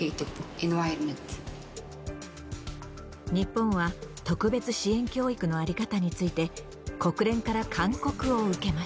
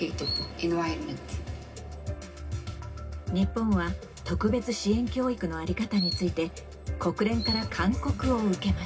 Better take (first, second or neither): first